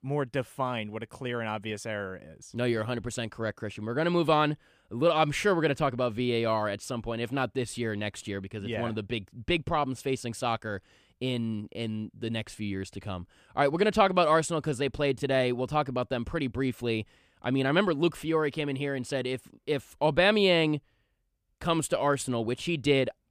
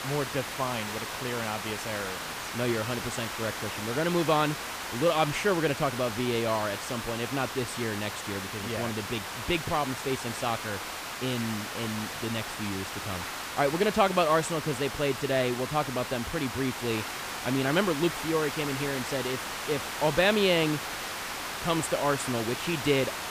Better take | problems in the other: first | hiss; loud; throughout; 5 dB below the speech

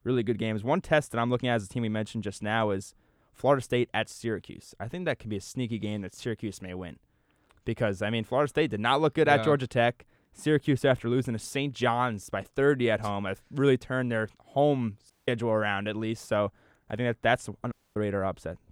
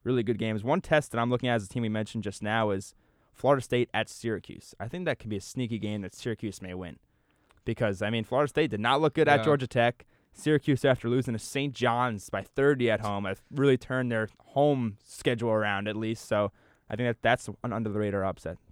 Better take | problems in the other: second | audio cutting out; at 15 s and at 18 s

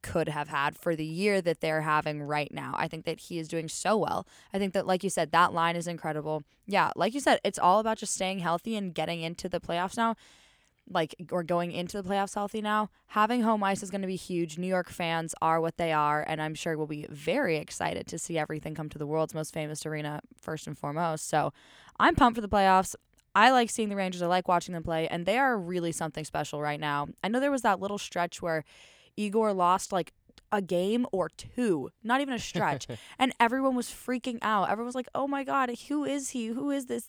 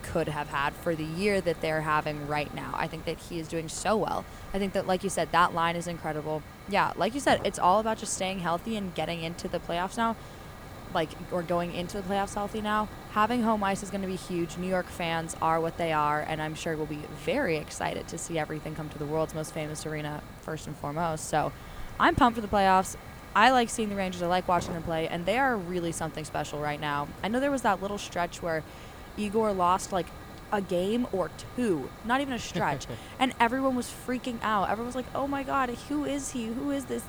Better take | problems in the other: first | hiss; noticeable; throughout; 15 dB below the speech

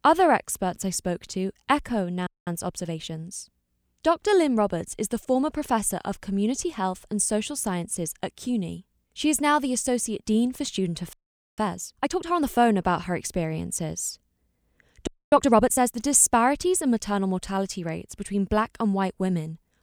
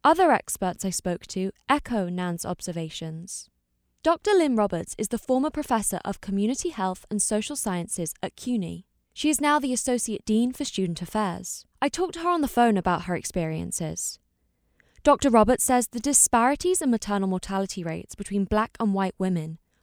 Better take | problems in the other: second | audio freezing; at 2.5 s, at 11 s and at 15 s

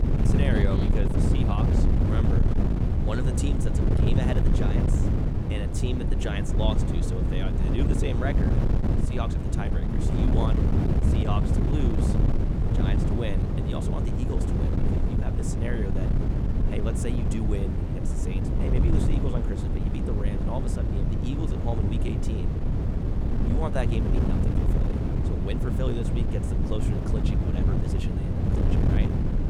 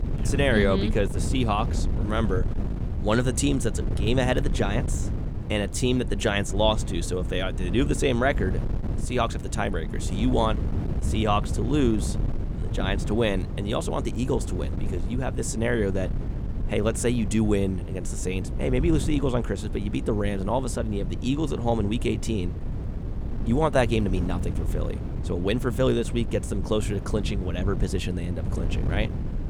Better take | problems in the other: second | wind noise on the microphone; heavy; 2 dB above the speech; occasional gusts in the second

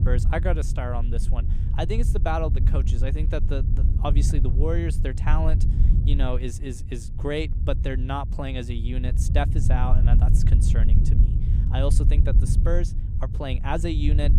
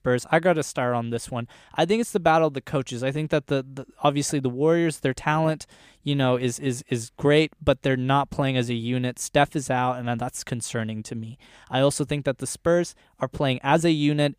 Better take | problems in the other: second | low rumble; loud; throughout; 8 dB below the speech

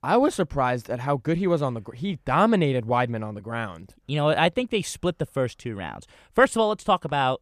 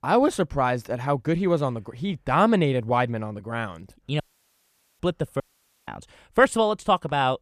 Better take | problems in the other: first | audio cutting out; at 4 s for 1 s and at 5.5 s

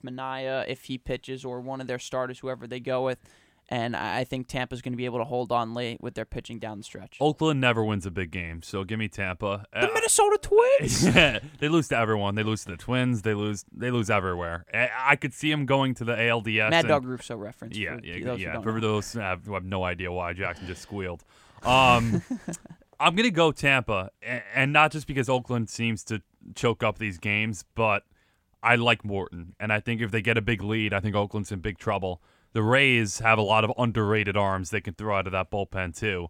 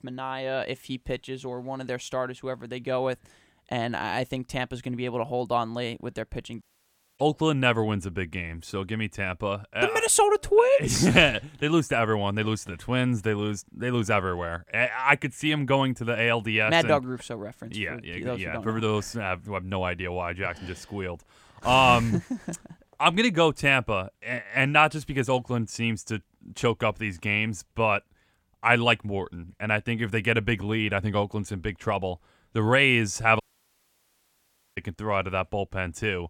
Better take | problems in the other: first | audio cutting out; at 6.5 s for 0.5 s and at 33 s for 1.5 s

